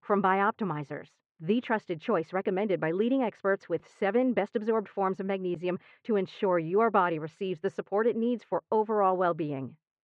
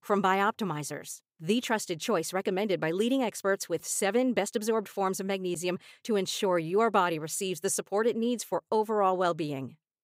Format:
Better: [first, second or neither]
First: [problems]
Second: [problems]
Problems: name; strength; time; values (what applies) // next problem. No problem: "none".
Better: second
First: muffled; very; fading above 2 kHz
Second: none